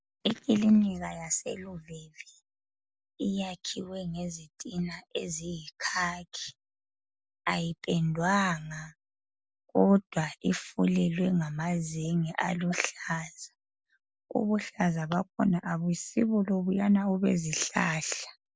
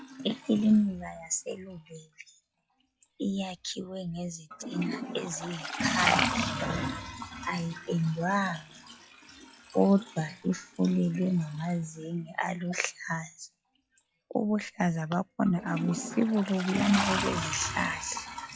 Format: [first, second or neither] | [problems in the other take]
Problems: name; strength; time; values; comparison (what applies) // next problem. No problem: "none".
first | noise reduction (classical method log-MMSE)